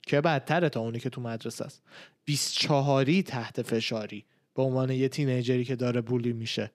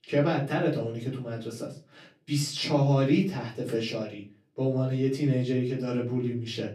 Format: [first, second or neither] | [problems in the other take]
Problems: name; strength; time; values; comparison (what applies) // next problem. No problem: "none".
first | off-mic speech; far // room echo; slight; dies away in 0.3 s